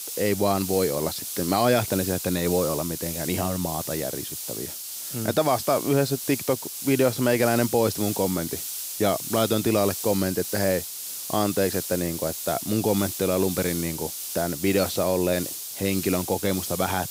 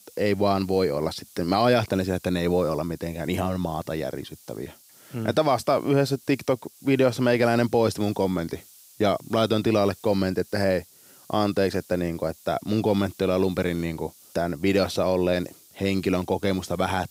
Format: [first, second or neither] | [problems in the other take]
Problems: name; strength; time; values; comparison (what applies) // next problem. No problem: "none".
second | hiss; loud; throughout; 6 dB below the speech; faint in the second